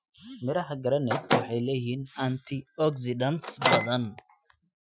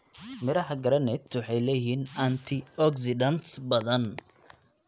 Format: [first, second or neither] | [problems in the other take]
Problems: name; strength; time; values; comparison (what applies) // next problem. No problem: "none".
second | noise reduction (classical method Wiener filter)